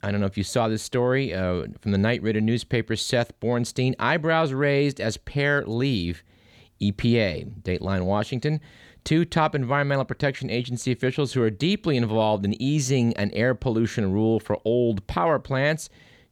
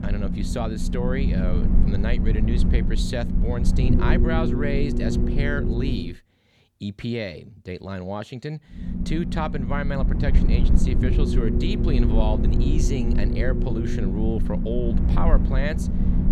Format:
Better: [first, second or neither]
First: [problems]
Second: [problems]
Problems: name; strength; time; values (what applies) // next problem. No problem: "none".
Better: first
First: none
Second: low rumble; loud; until 6 s and from 9 s on; 2 dB below the speech